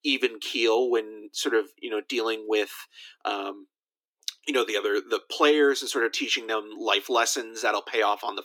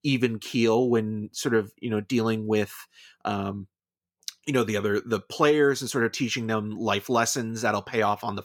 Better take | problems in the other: second | thin; somewhat; fading below 300 Hz

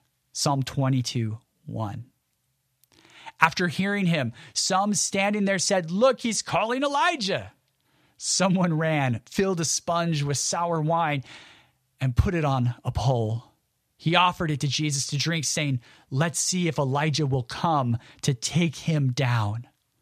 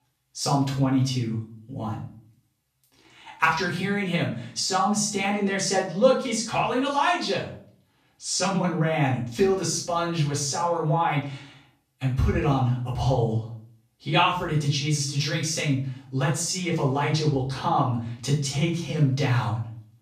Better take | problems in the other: first | off-mic speech; far // room echo; noticeable; dies away in 0.4 s

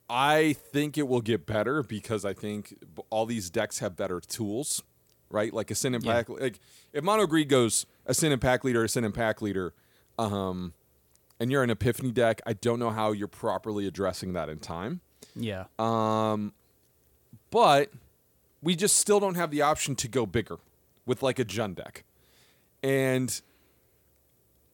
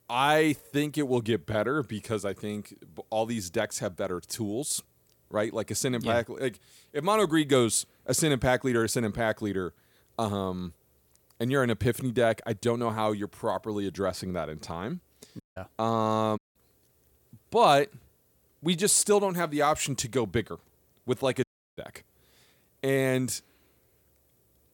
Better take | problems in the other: first | audio cutting out; at 15 s, at 16 s and at 21 s

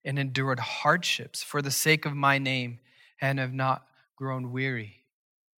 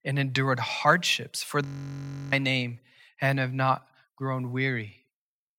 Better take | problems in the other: first | audio freezing; at 1.5 s for 0.5 s

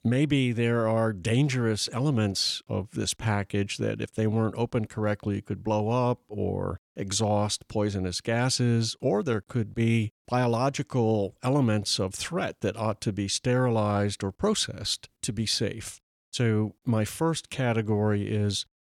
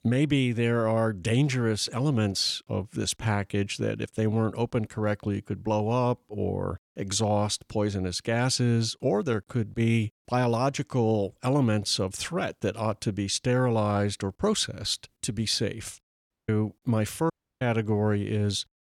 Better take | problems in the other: first | audio cutting out; at 16 s and at 17 s

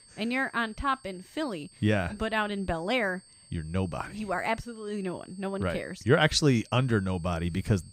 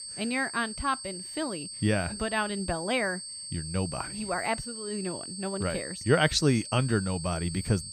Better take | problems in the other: first | high-pitched whine; loud; throughout; 8.5 kHz, 8 dB below the speech; faint in the first

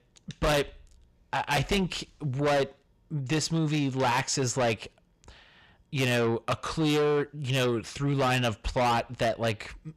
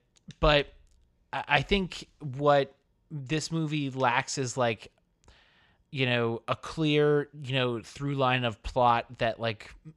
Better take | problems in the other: second | distortion; heavy; 6 dB below the speech

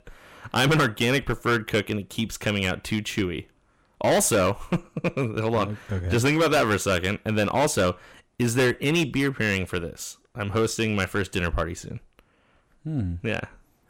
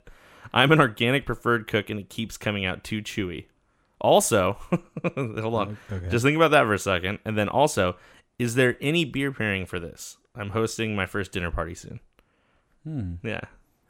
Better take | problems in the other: second | distortion; heavy; 7% of the sound clipped

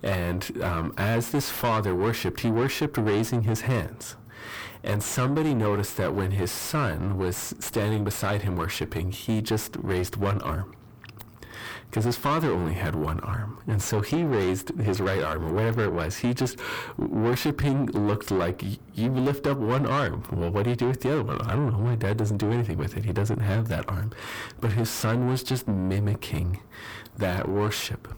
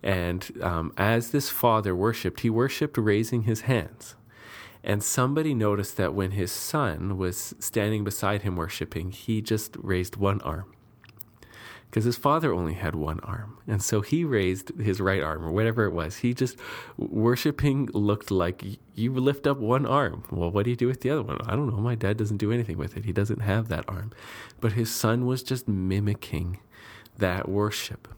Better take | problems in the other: second | distortion; heavy; 5 dB below the speech

